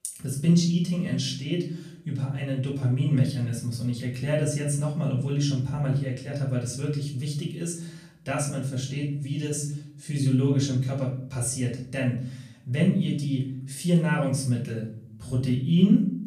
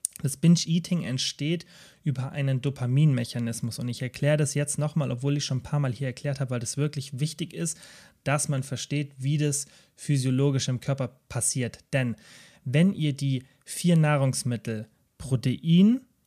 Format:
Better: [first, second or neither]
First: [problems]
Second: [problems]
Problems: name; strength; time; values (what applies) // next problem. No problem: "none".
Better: second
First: off-mic speech; far // room echo; slight; dies away in 0.6 s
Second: none